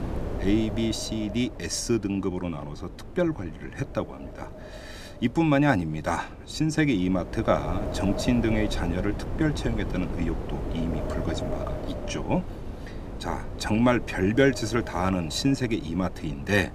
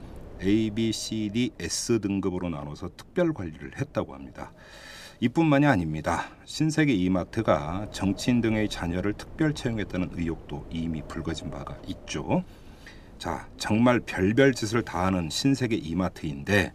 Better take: second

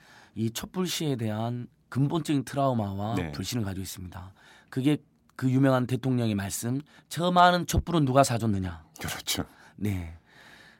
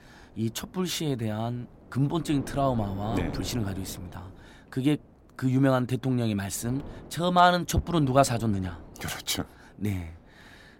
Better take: first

